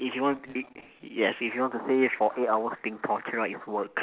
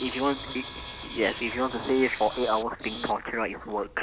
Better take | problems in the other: first | background sound (Camera); 12 dB below the speech

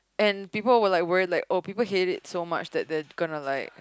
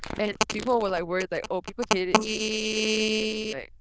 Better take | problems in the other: first | noise reduction (neural diffusion model UNIVERSE++)

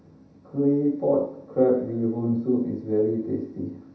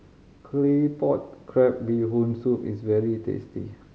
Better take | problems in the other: second | room echo; dies away in 0.7 s

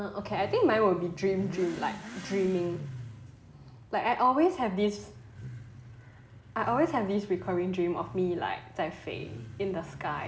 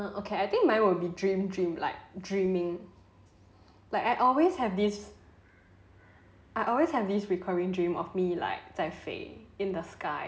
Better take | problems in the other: second | background sound (Motorcycle / Accelerating, revving, vroom); 14 dB below the speech

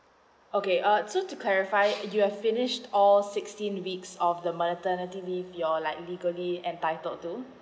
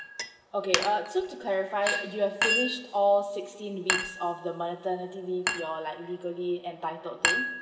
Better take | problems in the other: first | background sound (Chink, clink); 3 dB below the speech // room echo; dies away in 2.4 s

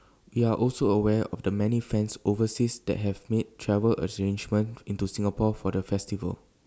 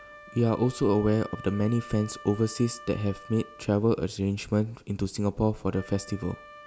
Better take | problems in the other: first | background sound (Wind instrument, woodwind instrument); 20 dB below the speech

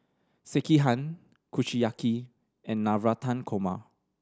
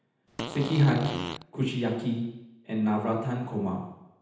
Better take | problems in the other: first | background sound (Fart); 8 dB below the speech // room echo; dies away in 0.9 s

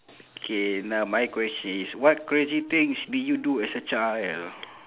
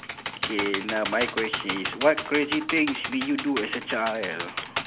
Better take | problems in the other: first | background sound (Computer keyboard); 5 dB below the speech

